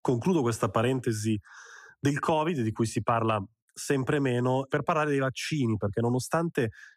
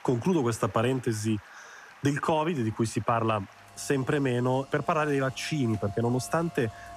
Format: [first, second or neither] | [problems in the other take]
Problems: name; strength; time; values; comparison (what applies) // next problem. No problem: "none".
first | rain or running water; faint; throughout; 20 dB below the speech